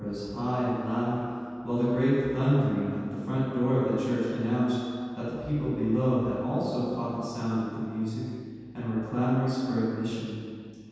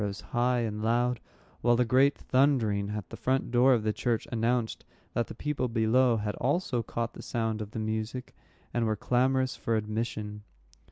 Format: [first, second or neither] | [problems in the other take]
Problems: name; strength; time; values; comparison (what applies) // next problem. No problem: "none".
second | room echo; dies away in 2.1 s